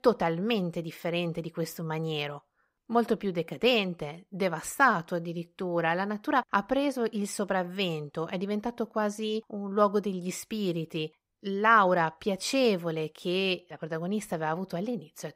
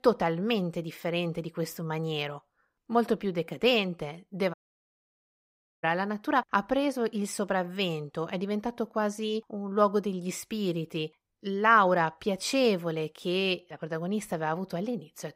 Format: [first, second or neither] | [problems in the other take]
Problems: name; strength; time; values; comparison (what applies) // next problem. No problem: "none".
first | audio cutting out; at 4.5 s for 1.5 s